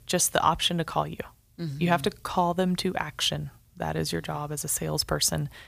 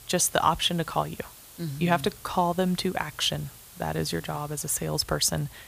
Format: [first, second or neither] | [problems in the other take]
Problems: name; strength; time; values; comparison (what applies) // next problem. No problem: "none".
first | hiss; noticeable; throughout; 20 dB below the speech